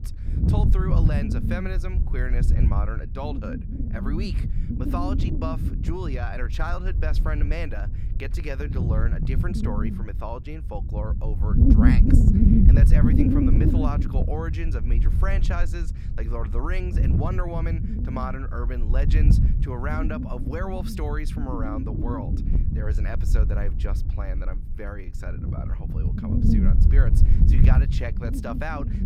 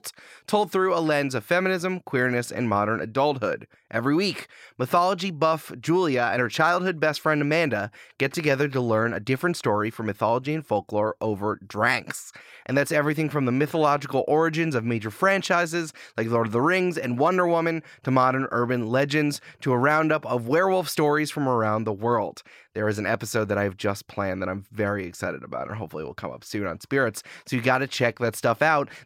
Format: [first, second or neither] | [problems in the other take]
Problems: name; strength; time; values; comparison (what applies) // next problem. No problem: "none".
second | wind noise on the microphone; heavy; as loud as the speech